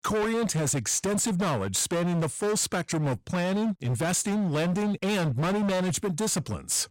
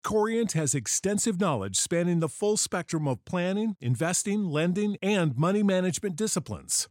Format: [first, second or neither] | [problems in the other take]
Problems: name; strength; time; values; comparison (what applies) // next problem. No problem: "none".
second | distortion; heavy; 35% of the sound clipped